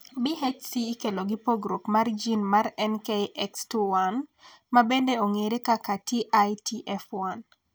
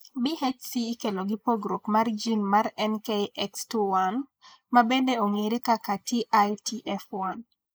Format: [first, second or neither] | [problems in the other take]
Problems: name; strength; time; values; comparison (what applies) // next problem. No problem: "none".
first | noise reduction (neural mask model Resemble Enhance denoiser)